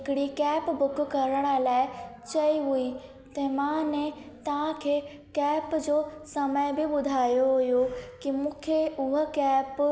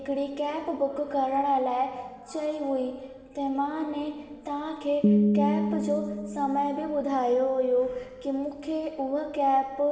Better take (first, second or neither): first